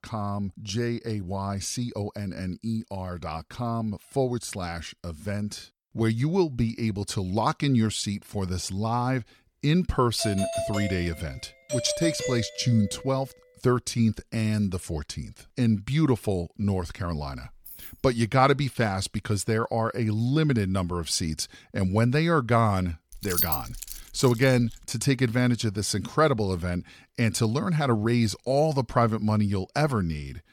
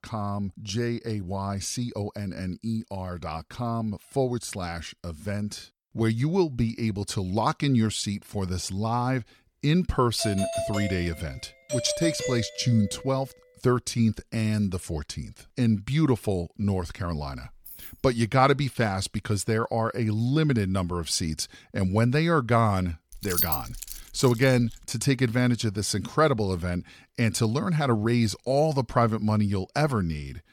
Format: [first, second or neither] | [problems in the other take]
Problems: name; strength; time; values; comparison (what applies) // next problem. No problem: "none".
neither | doorbell; noticeable; from 10 to 13 s; peak 3 dB below the speech; the same in both // jangling keys; faint; at 17 s; peak 15 dB below the speech; the same in both // jangling keys; loud; from 23 to 25 s; peak 2 dB above the speech; the same in both